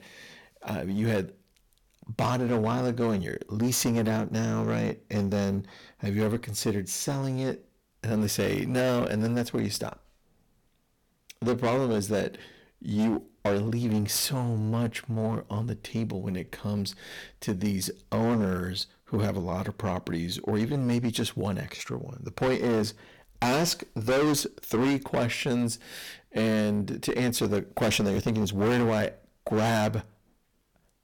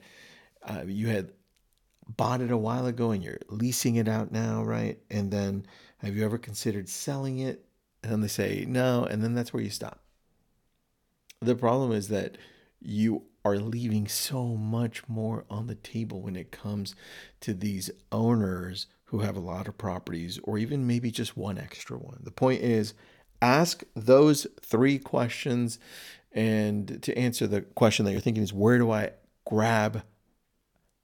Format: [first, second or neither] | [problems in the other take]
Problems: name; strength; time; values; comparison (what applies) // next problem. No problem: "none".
second | distortion; heavy; 13% of the sound clipped